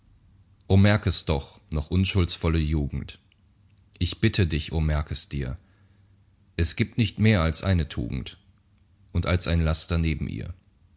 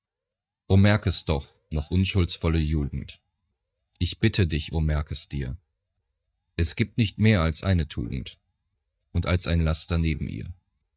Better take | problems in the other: first | noise reduction (neural mask model DeepFilterNet 3)

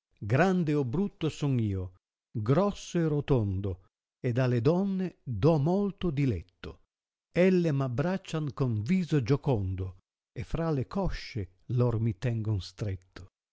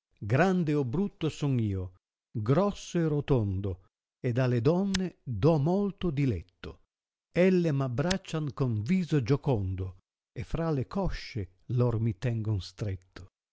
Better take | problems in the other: first | background sound (Tick); 11 dB below the speech

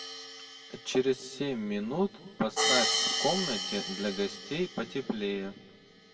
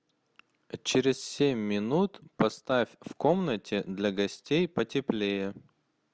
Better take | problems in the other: second | background sound (Hi-hat); 2 dB below the speech // room echo; dies away in 1.4 s

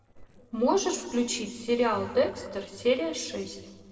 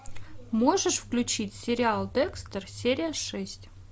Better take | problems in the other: second | noise reduction (neural separator model SepFormer DNS4)

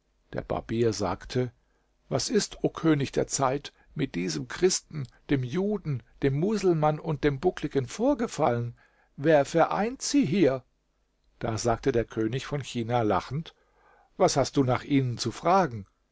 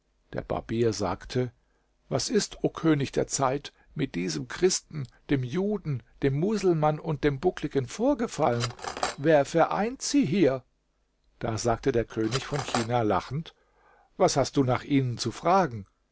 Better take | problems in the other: first | background sound (Cutlery, silverware); 8 dB below the speech

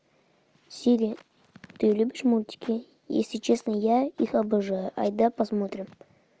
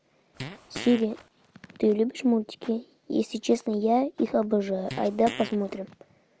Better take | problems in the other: first | background sound (Fart); 12 dB below the speech

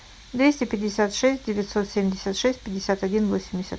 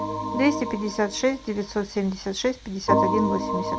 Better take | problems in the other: first | background sound (Organ); 2 dB below the speech

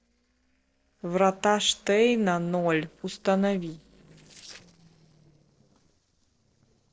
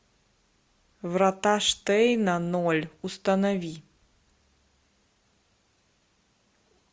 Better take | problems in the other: second | noise reduction (neural separator model SepFormer DNS4)

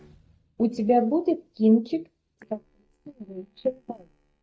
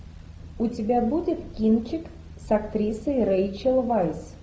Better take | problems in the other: second | noise reduction (neural mask model DeepFilterNet 3)

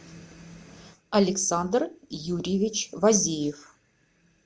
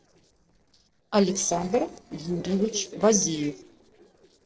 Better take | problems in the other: first | noise reduction (neural separator model SepFormer DNS4)

